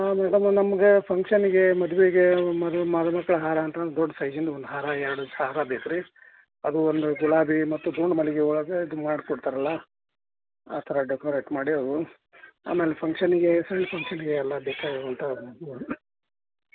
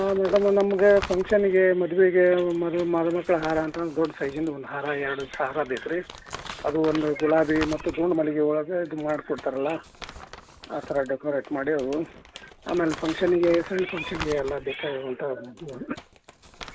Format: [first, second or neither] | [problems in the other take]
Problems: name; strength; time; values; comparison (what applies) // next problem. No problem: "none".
first | background sound (Crumpling, crinkling); 17 dB below the speech